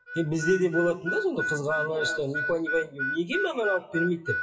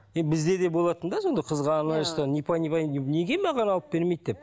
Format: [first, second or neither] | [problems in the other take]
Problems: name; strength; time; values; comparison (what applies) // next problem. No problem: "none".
second | noise reduction (classical method WPE with log-MMSE)